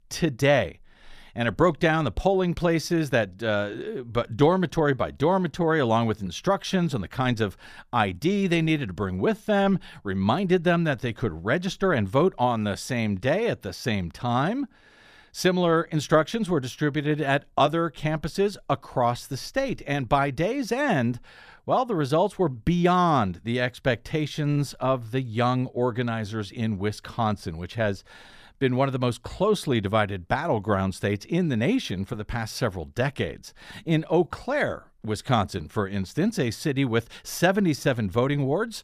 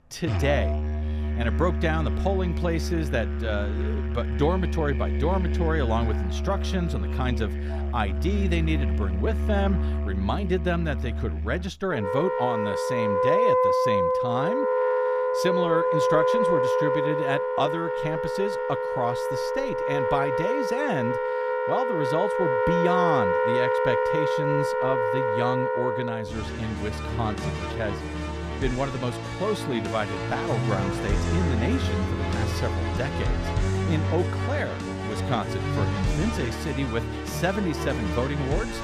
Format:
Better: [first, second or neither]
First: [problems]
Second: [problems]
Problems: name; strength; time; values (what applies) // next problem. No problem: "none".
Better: first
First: none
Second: background music; very loud; throughout; 3 dB above the speech